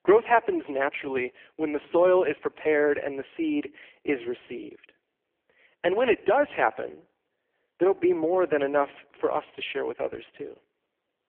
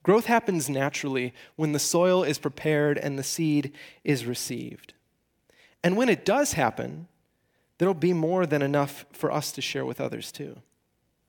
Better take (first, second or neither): second